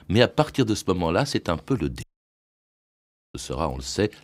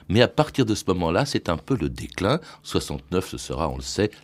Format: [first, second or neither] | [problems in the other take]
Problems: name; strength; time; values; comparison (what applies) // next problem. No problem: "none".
second | audio cutting out; at 2 s for 1.5 s